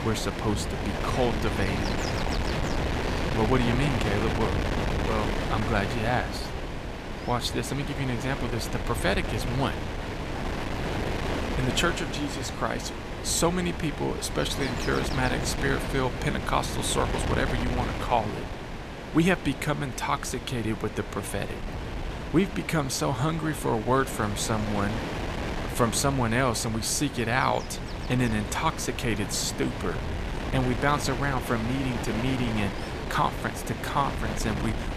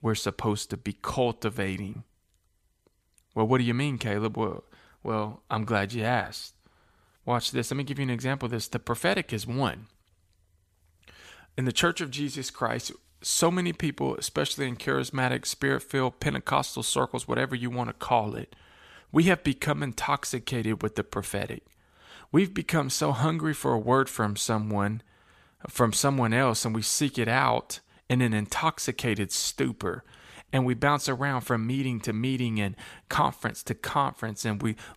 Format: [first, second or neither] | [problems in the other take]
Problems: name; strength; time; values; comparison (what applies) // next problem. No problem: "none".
second | wind noise on the microphone; heavy; 5 dB below the speech